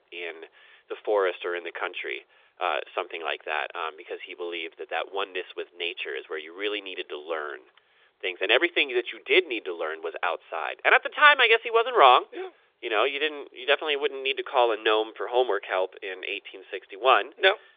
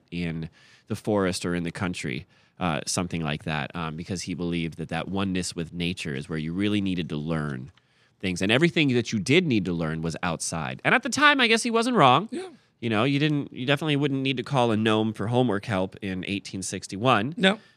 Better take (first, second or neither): second